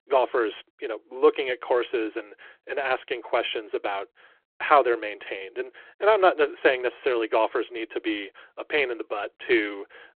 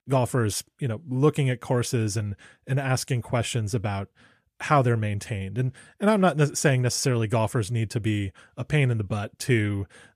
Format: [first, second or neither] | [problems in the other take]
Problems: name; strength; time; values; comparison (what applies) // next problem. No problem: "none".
second | phone-call audio